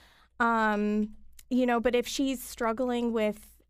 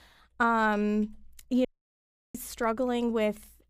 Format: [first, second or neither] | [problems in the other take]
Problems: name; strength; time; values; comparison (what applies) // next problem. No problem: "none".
first | audio cutting out; at 1.5 s for 0.5 s